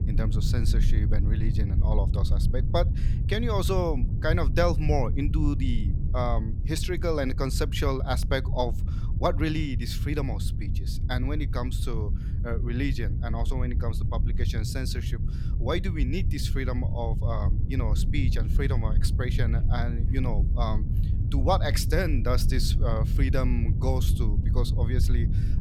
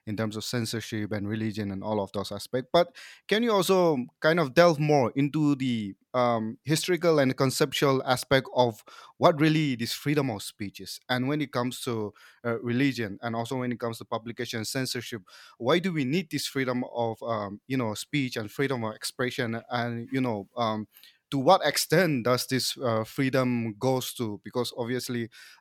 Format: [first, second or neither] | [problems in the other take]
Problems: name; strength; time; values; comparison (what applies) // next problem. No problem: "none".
second | low rumble; noticeable; throughout; 10 dB below the speech